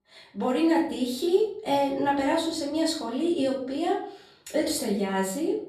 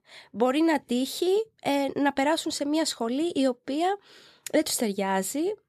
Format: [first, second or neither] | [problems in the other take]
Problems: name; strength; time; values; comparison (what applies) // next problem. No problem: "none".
second | off-mic speech; far // room echo; noticeable; dies away in 0.7 s